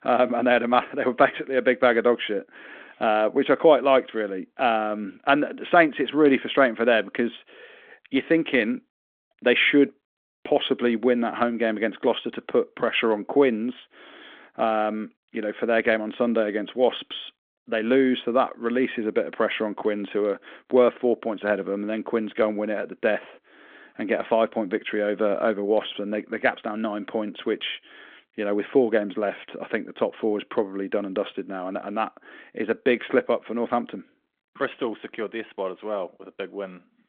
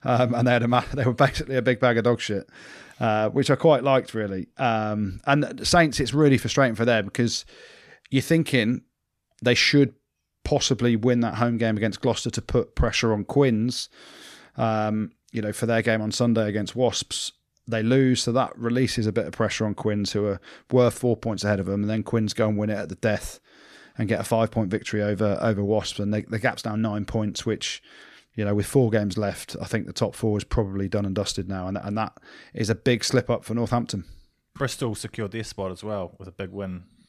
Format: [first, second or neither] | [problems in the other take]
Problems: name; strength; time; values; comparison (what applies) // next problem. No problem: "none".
second | phone-call audio; nothing above 3.5 kHz